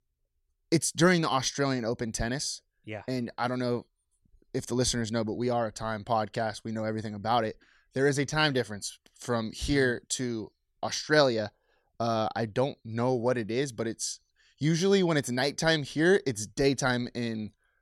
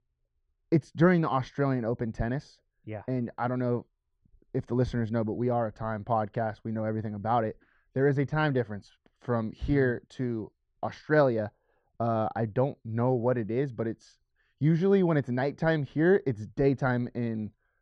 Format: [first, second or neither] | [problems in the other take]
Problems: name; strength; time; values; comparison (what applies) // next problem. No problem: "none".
first | muffled; very; fading above 1.5 kHz